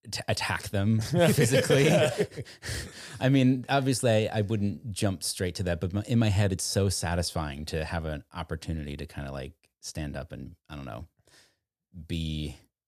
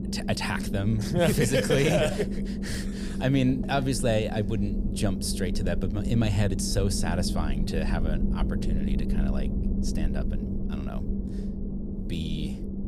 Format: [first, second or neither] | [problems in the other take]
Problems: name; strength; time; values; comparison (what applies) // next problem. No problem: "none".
first | low rumble; loud; throughout; 9 dB below the speech